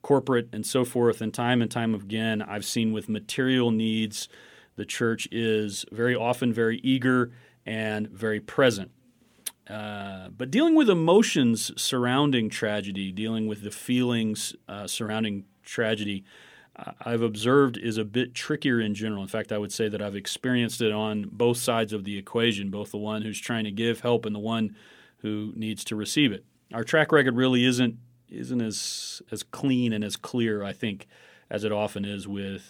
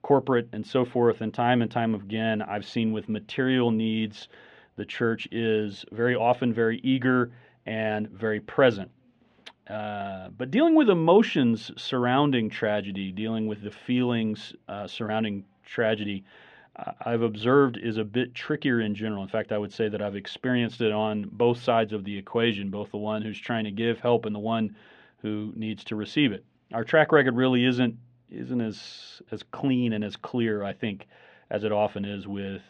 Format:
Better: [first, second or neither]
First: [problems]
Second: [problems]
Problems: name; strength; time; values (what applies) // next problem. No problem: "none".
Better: first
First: none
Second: muffled; very; fading above 3 kHz